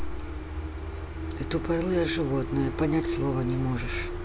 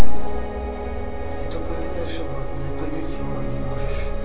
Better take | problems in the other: first | background sound (Piano); 15 dB below the speech // room echo; dies away in 0.3 s

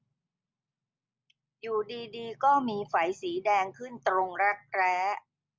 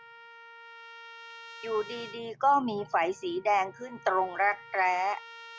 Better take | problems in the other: first | background sound (Trumpet); 18 dB below the speech

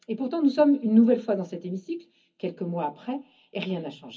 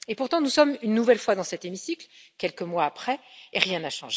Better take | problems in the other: second | room echo; dies away in 0.4 s

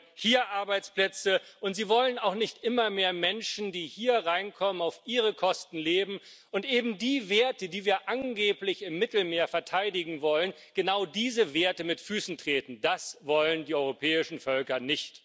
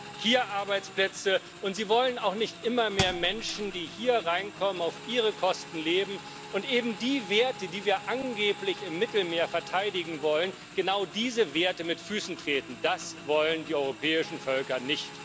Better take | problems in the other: first | background sound (Motorcycle / Engine + Thump, thud); 13 dB below the speech

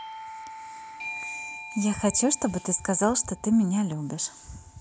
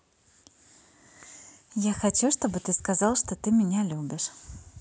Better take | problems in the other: second | background sound (Doorbell); 14 dB below the speech

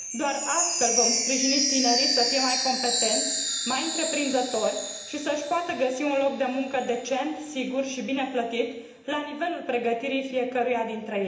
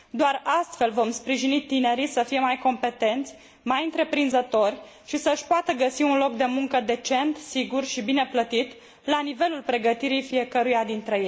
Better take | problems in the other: second | background sound (Chime); 2 dB below the speech // room echo; dies away in 0.8 s

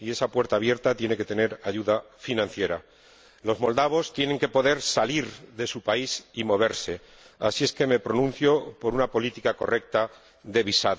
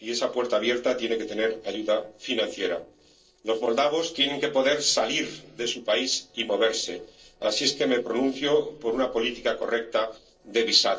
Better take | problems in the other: first | noise reduction (neural separator model SepFormer DNS4)

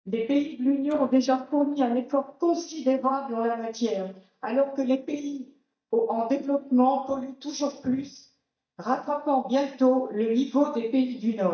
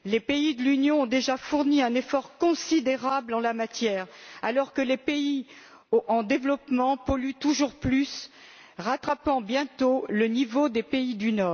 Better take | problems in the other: second | noise reduction (neural mask model DeepFilterNet 3)

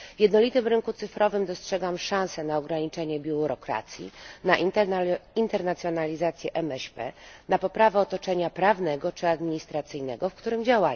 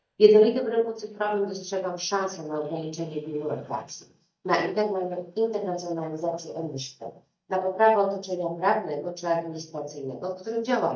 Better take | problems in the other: first | noise reduction (neural mask model DeepFilterNet 3)

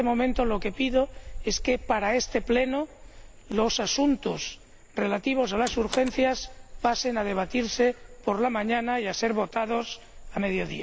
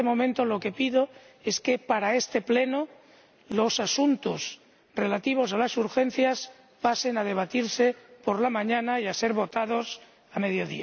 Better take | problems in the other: second | background sound (Door + Frog); 12 dB below the speech

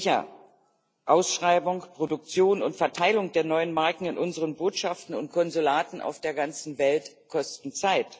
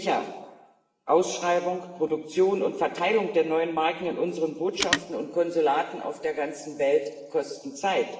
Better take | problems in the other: first | background sound (Telephone); 9 dB below the speech // room echo; dies away in 1.1 s

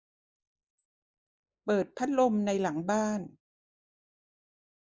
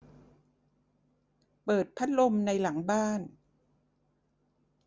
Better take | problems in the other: second | noise reduction (neural mask model Resemble Enhance denoiser)

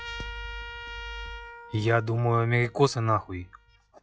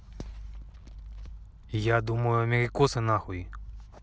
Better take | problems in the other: second | noise reduction (classical method log-MMSE)

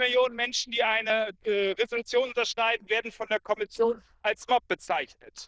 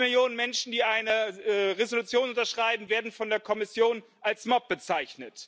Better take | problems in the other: second | noise reduction (neural diffusion model UNIVERSE++)

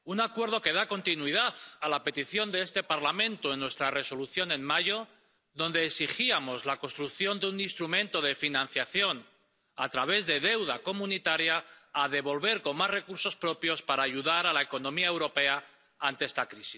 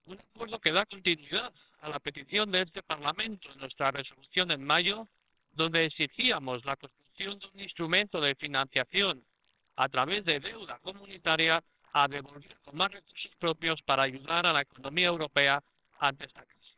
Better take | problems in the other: first | noise reduction (neural separator model SepFormer WHAMR!)

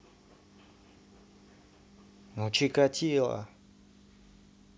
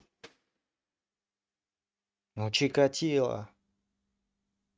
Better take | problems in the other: first | noise reduction (neural mask model RNNoise)

